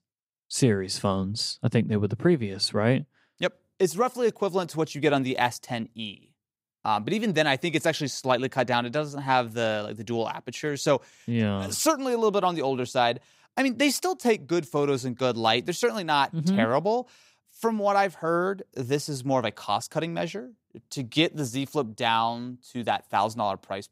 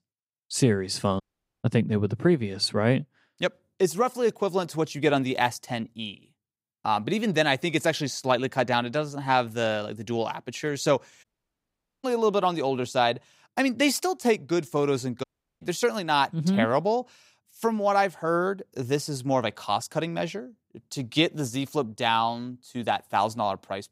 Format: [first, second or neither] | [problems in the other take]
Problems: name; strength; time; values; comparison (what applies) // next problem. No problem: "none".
first | audio cutting out; at 1 s, at 11 s for 1 s and at 15 s